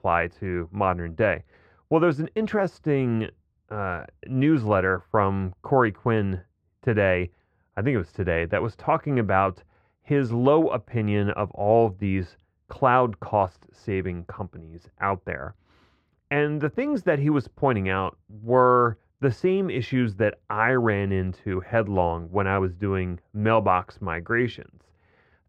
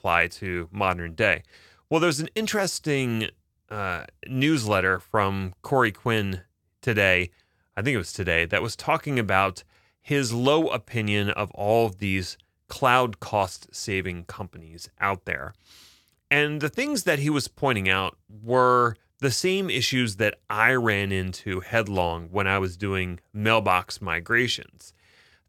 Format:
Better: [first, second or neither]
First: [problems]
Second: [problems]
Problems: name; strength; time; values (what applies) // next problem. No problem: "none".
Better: second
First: muffled; very; fading above 3 kHz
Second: none